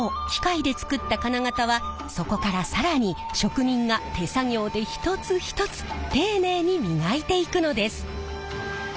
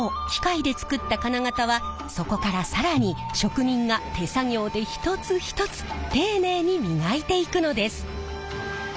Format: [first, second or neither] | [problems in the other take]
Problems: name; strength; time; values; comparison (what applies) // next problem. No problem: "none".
first | background sound (Drum); 19 dB below the speech